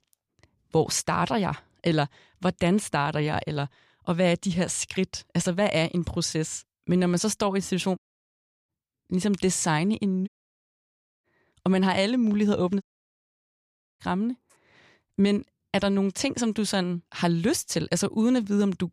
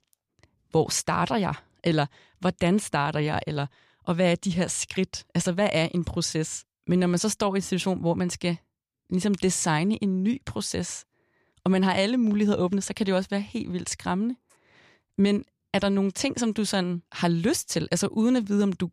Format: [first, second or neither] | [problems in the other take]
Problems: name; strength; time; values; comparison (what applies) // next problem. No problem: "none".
second | audio cutting out; at 8 s for 0.5 s, at 10 s for 1 s and at 13 s for 1 s